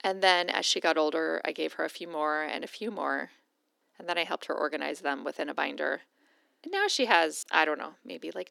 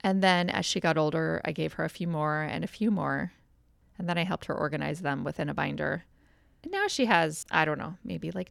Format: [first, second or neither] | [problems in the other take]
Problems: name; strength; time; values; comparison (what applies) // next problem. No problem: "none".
second | thin; somewhat; fading below 300 Hz